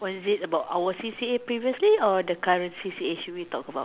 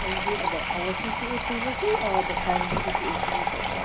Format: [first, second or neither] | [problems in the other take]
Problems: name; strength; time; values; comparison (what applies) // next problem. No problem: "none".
first | background sound (Sink (filling or washing) / Water tap, faucet); 4 dB above the speech // room echo; dies away in 0.4 s